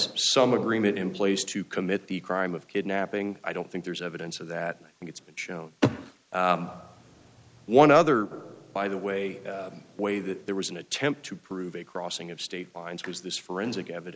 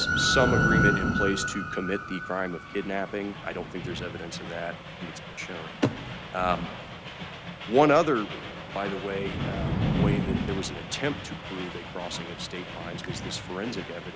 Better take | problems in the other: first | background sound (Thunder / Rain + Train); 1 dB below the speech

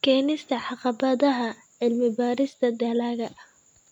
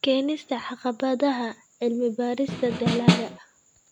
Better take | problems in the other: first | background sound (Snare drum); 3 dB above the speech

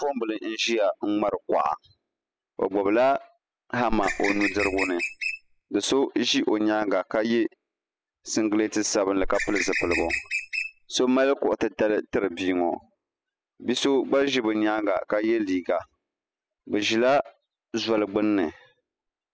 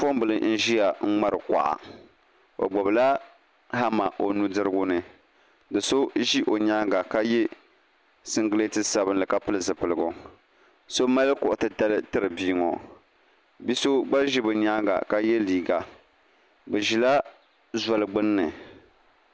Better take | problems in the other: second | noise reduction (classical method spectral subtraction)

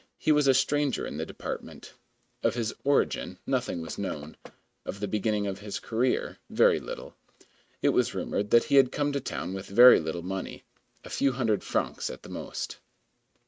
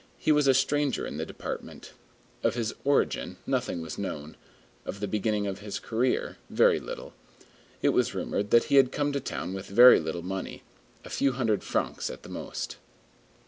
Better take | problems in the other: second | noise reduction (neural mask model RNNoise)

